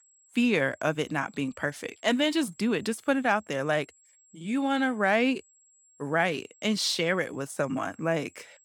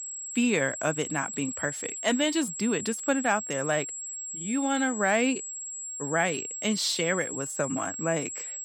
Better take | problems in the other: first | high-pitched whine; loud; throughout; 7.5 kHz, 6 dB below the speech; faint in the first

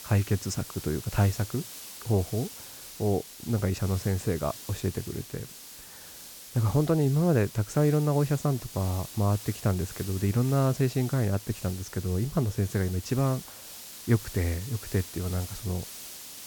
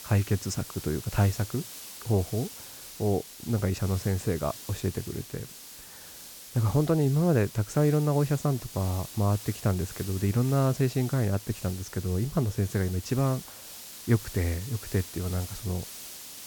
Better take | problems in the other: neither | hiss; noticeable; throughout; 15 dB below the speech; the same in both

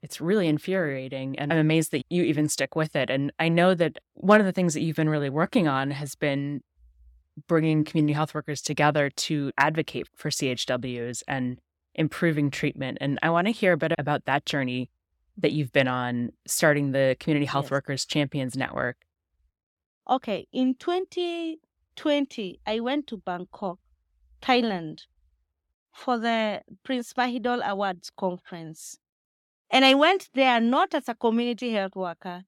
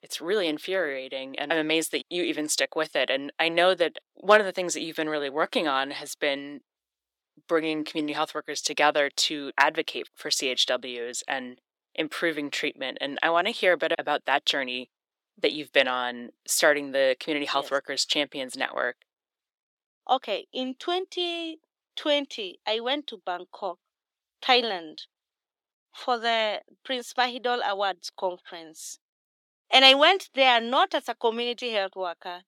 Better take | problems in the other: first | thin; somewhat; fading below 400 Hz

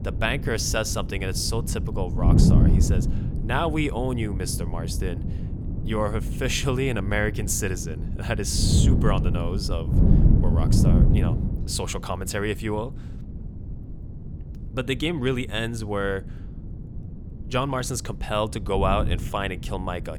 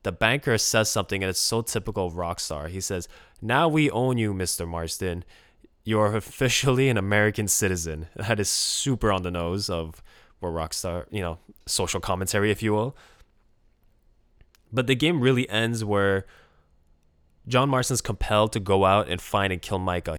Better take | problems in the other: second | wind noise on the microphone; heavy; 7 dB below the speech

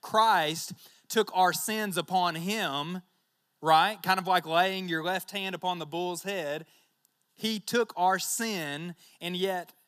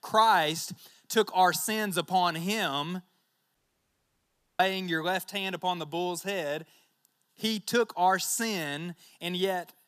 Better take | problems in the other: first | audio cutting out; at 3.5 s for 1 s

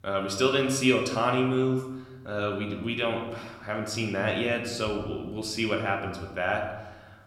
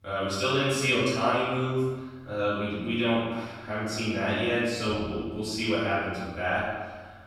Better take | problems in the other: first | room echo; strong; dies away in 1.2 s; slight in the first // off-mic speech; far

